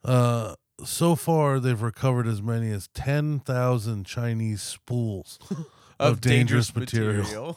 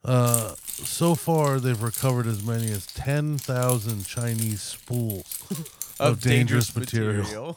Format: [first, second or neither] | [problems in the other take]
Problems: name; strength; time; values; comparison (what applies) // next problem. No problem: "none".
first | jangling keys; noticeable; until 7 s; peak 1 dB below the speech